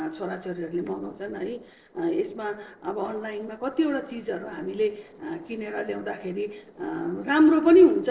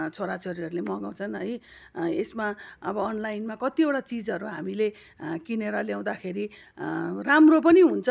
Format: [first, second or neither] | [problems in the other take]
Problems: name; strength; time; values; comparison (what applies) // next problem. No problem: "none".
second | noise reduction (neural separator model SepFormer DNS4)